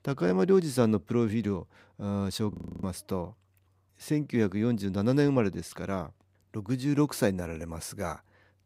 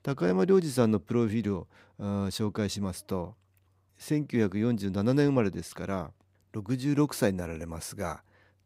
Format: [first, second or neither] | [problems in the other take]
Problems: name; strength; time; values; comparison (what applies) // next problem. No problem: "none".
second | audio freezing; at 2.5 s